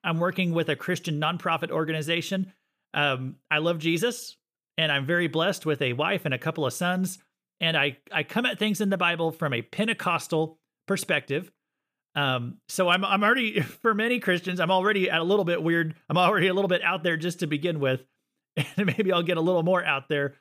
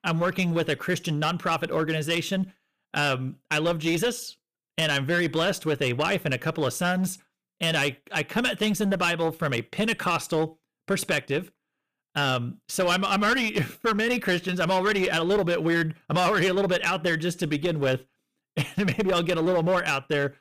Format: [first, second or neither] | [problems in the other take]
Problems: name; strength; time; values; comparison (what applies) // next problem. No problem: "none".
first | distortion; slight; 10% of the sound clipped